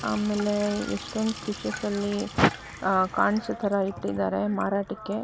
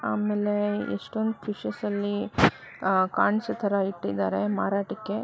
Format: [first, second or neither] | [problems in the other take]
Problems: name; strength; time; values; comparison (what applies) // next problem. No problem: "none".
second | background sound (Sink (filling or washing)); 15 dB below the speech